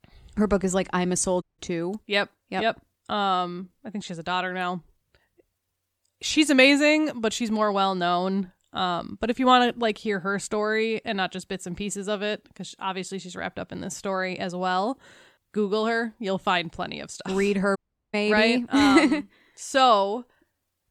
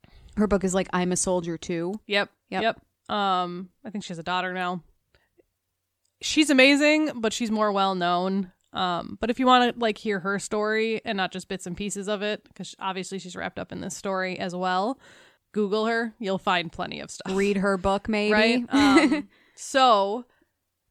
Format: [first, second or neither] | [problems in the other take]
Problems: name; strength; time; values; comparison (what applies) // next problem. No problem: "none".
second | audio cutting out; at 1.5 s and at 18 s